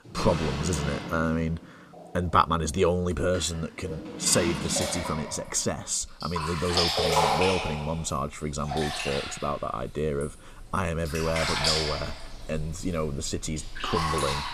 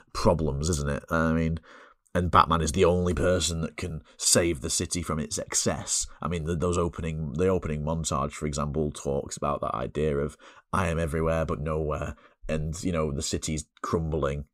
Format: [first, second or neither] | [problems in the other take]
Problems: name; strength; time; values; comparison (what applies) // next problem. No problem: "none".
second | household noises; loud; throughout; 1 dB below the speech